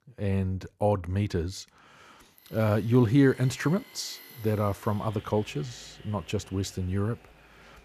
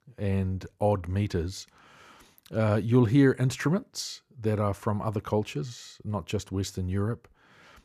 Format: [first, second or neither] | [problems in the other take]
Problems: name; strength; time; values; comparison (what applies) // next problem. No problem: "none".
second | machinery noise; faint; from 2.5 s on; 20 dB below the speech